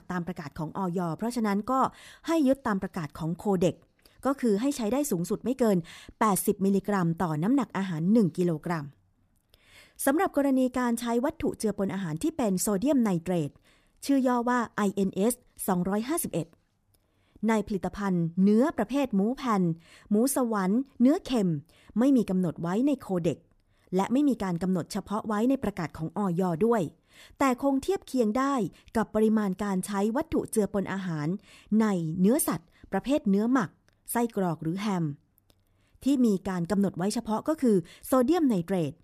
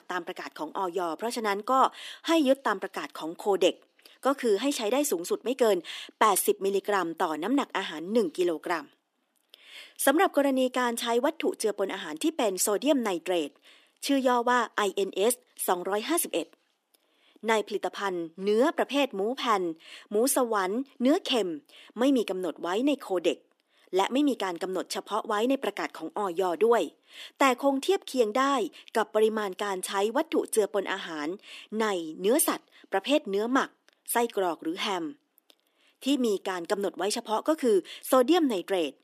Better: first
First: none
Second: thin; somewhat; fading below 300 Hz

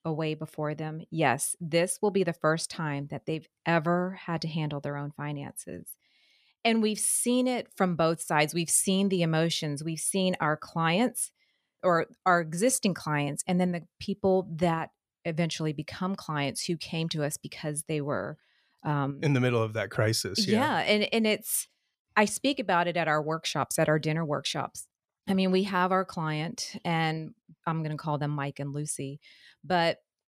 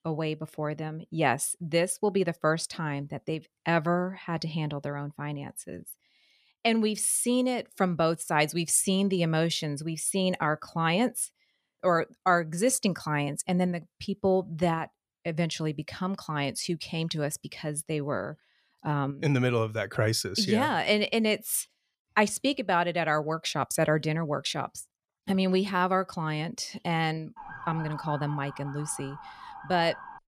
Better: first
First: none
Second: siren; faint; from 27 s on; peak 10 dB below the speech

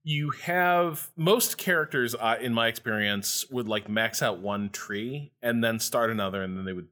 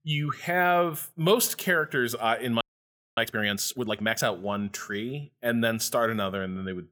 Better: first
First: none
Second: audio freezing; at 2.5 s for 0.5 s

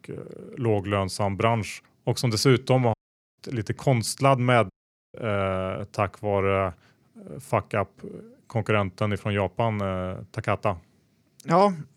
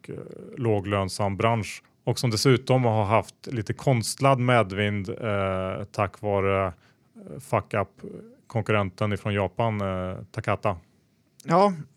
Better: second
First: audio cutting out; at 3 s and at 4.5 s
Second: none

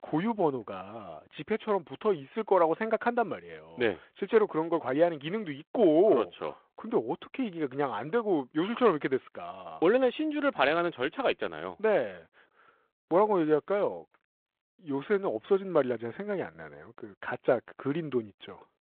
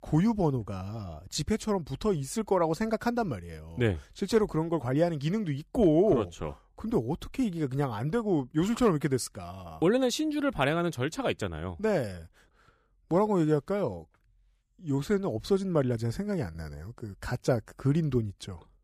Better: second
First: phone-call audio; nothing above 3.5 kHz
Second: none

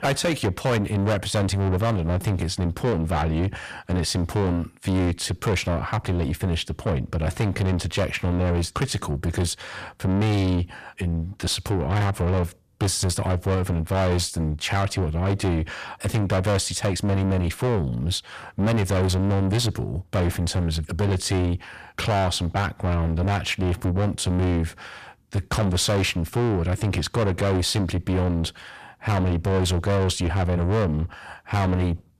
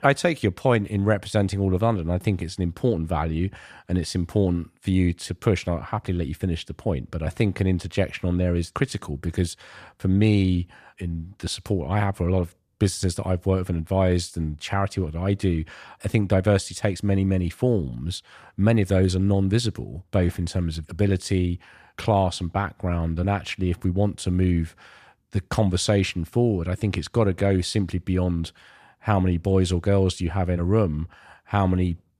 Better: second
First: distortion; heavy; 6 dB below the speech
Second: none

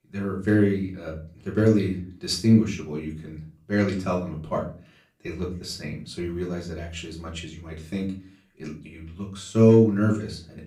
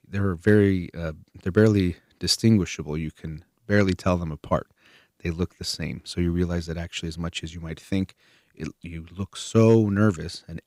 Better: second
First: room echo; slight; dies away in 0.3 s // off-mic speech; far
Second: none

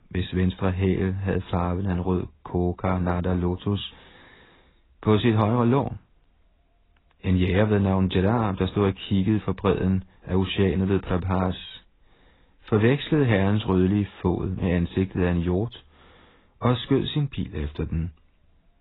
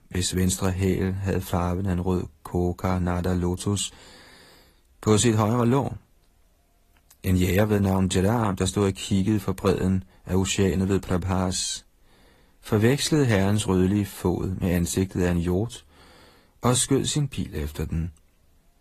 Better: second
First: garbled, watery; badly; nothing above 4 kHz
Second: garbled, watery; slightly; nothing above 15 kHz

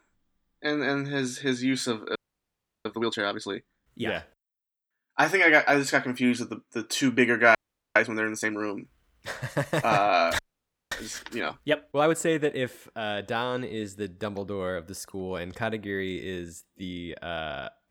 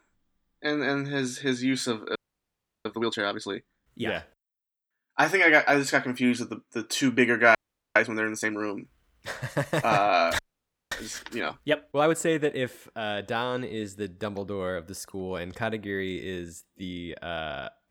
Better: neither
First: audio freezing; at 2 s for 0.5 s, at 7.5 s and at 10 s for 0.5 s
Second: audio freezing; at 2 s for 0.5 s, at 7.5 s and at 10 s for 0.5 s

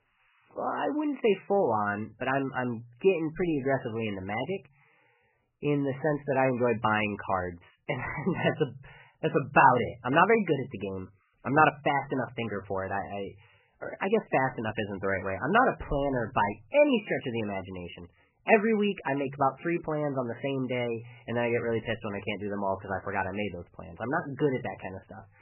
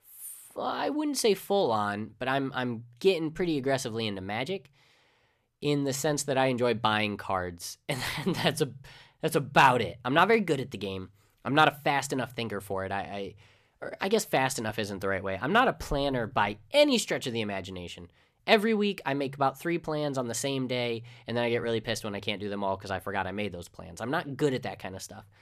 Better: second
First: garbled, watery; badly; nothing above 3 kHz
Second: none

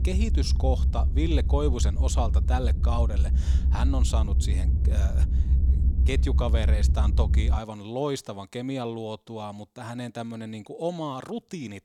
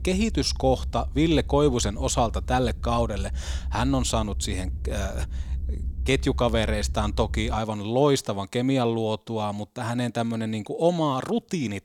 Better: second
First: low rumble; loud; until 7.5 s; 9 dB below the speech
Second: low rumble; faint; until 7.5 s; 25 dB below the speech

